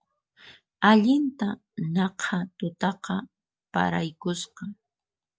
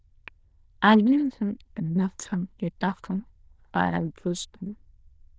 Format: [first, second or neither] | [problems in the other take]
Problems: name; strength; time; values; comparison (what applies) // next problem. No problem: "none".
first | noise reduction (neural diffusion model UNIVERSE++)